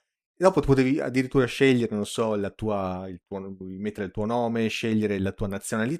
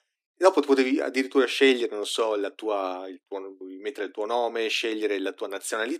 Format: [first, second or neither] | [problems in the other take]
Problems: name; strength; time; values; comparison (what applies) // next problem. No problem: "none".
first | thin; very slightly; fading below 300 Hz